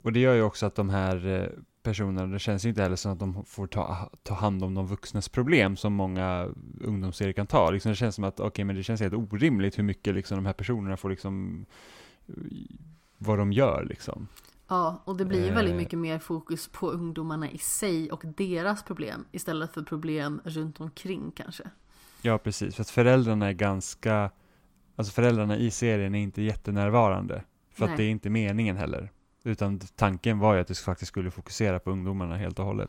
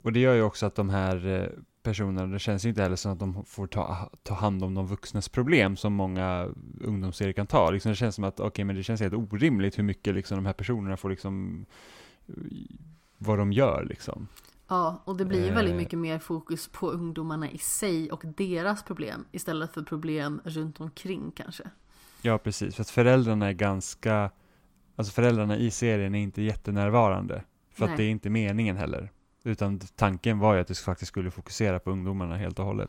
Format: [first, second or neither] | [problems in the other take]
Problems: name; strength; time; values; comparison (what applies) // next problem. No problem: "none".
neither | none